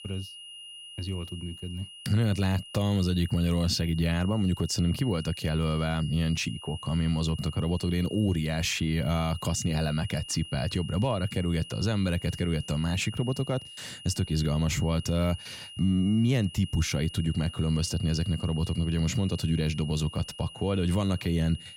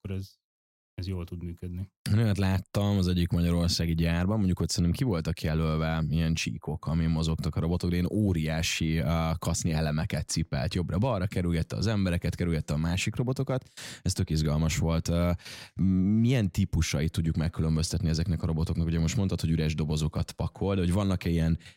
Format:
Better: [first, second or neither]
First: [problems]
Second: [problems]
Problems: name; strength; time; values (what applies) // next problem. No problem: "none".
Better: second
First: high-pitched whine; noticeable; throughout; 3 kHz, 15 dB below the speech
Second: none